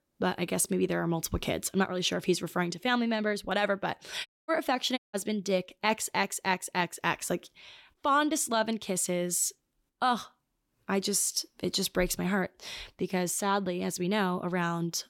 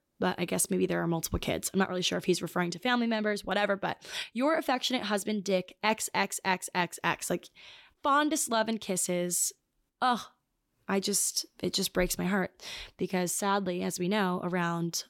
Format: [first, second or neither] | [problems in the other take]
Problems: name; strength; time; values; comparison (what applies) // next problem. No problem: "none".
second | audio cutting out; at 4.5 s and at 5 s